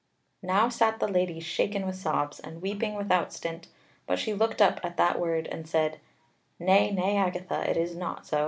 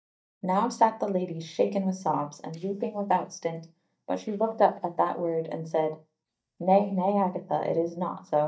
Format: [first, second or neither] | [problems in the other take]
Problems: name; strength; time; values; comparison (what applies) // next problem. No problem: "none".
first | noise reduction (neural mask model DeepFilterNet 3)